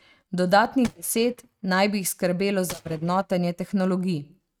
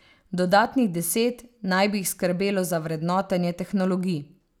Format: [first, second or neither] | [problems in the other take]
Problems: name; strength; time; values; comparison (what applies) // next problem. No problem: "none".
second | noise reduction (neural mask model RNNoise)